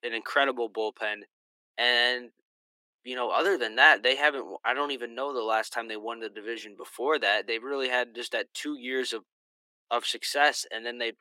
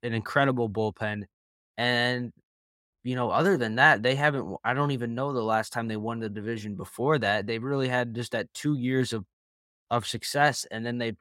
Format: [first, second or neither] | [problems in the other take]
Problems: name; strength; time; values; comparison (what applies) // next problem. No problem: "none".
second | thin; somewhat; fading below 300 Hz